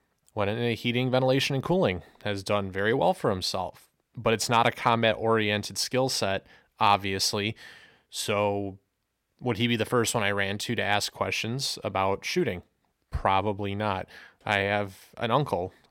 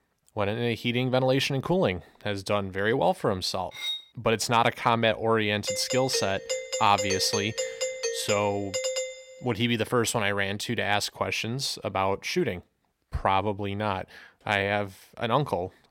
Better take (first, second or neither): first